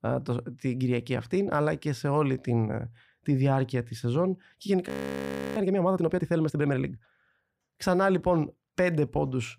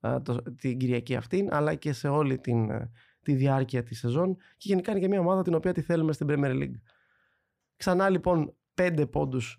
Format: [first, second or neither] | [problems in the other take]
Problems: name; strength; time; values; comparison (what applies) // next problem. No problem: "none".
second | audio freezing; at 5 s for 0.5 s